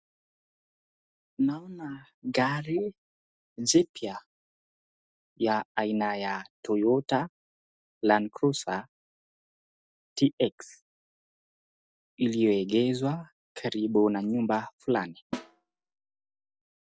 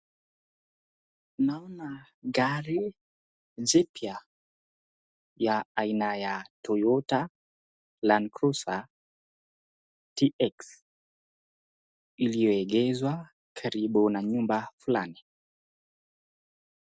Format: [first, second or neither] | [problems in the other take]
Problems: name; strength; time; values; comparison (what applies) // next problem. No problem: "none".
second | noise reduction (neural mask model DeepFilterNet 3)